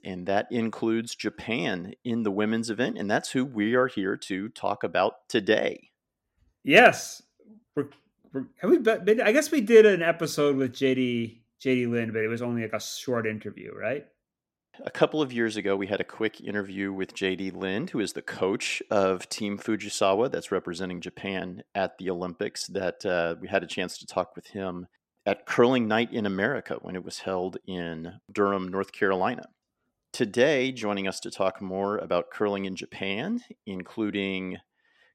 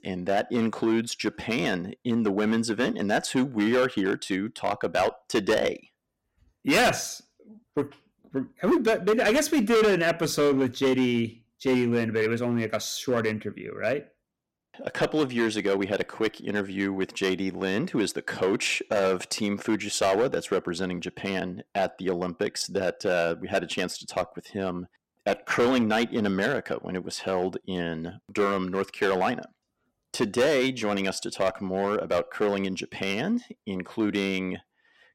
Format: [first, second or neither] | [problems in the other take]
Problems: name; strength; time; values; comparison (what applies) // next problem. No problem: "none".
first | distortion; heavy; 6% of the sound clipped